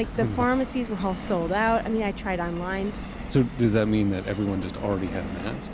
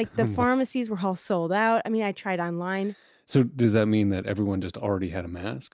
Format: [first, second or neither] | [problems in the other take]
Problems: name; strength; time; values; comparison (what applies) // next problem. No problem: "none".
second | background sound (Subway, metro, underground); 9 dB below the speech